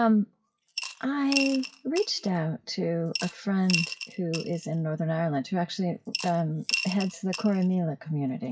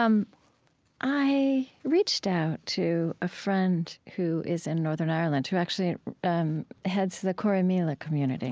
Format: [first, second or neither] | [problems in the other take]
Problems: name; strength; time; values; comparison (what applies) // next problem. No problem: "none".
second | noise reduction (classical method WPE with log-MMSE)